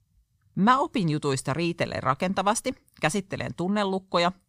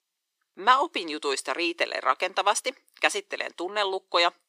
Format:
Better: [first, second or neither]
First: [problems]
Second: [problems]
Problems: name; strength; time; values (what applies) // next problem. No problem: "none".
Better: first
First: none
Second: thin; very; fading below 350 Hz